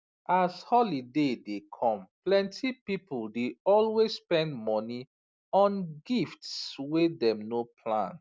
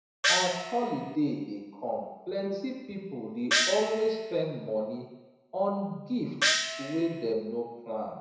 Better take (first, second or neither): first